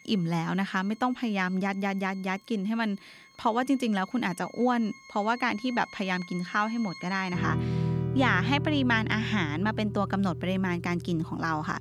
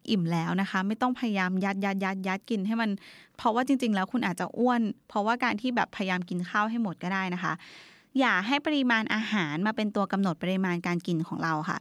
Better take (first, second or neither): second